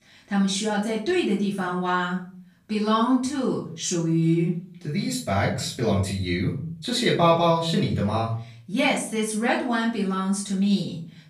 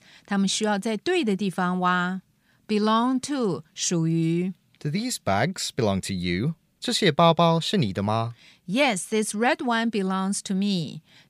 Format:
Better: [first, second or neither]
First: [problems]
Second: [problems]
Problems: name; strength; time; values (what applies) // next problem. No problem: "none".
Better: second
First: off-mic speech; far // room echo; noticeable; dies away in 0.4 s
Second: none